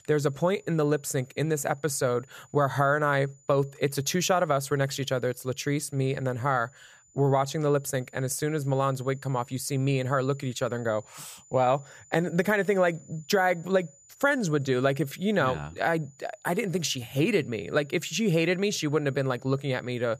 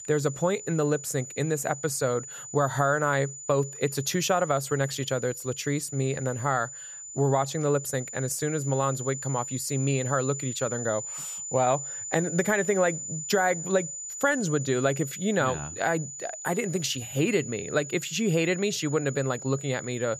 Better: first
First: high-pitched whine; faint; throughout; 7 kHz, 30 dB below the speech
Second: high-pitched whine; loud; throughout; 7 kHz, 9 dB below the speech

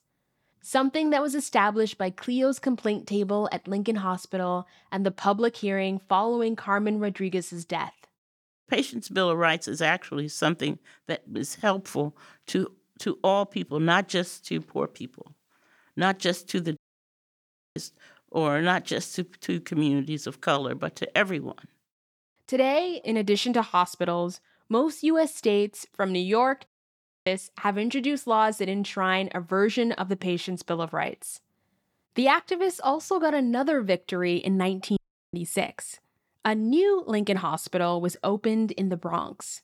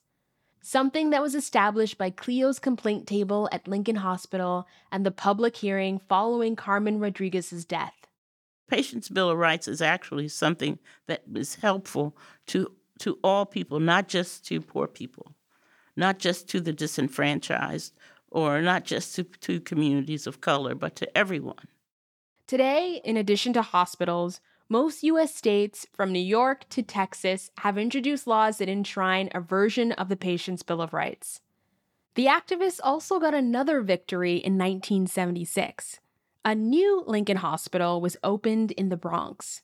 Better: second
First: audio cutting out; at 17 s for 1 s, at 27 s for 0.5 s and at 35 s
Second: none

